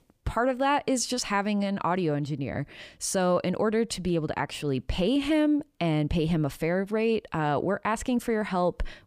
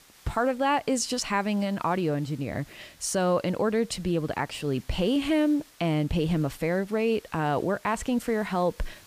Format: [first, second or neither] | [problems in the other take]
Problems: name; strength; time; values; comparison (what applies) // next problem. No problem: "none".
first | hiss; faint; throughout; 25 dB below the speech